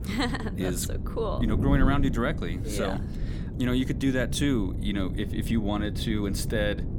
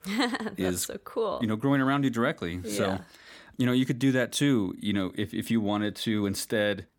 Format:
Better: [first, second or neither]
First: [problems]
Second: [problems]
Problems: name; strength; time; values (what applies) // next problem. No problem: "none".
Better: second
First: wind noise on the microphone; occasional gusts; 10 dB below the speech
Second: none